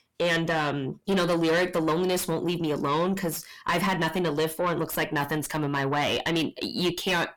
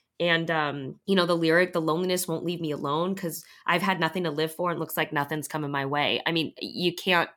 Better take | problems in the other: second | distortion; heavy; 6 dB below the speech

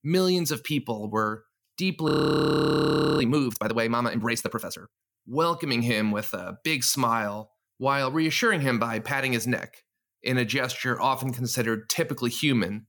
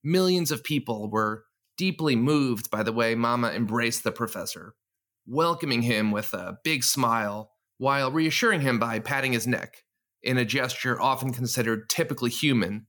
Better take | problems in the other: second | audio freezing; at 2 s for 1 s

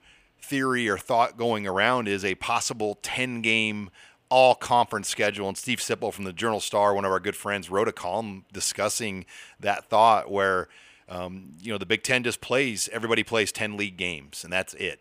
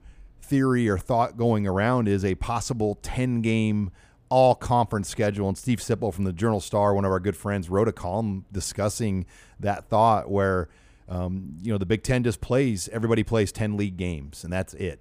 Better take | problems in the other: second | thin; somewhat; fading below 850 Hz

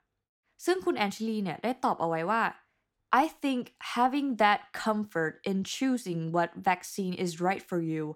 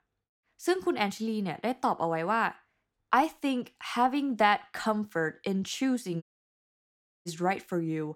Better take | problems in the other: first | audio cutting out; at 6 s for 1 s

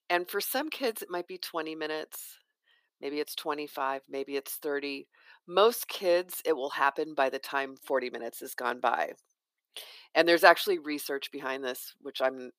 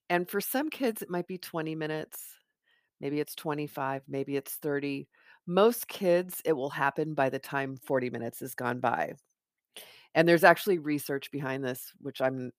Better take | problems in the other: second | thin; somewhat; fading below 350 Hz

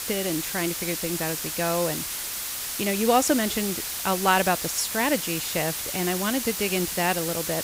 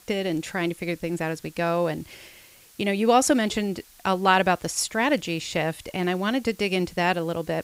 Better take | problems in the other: second | hiss; loud; throughout; 2 dB below the speech; faint in the second

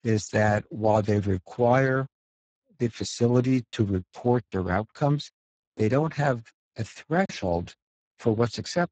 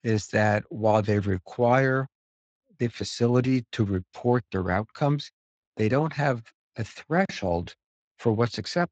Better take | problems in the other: second | garbled, watery; badly; nothing above 7.5 kHz; slightly in the second

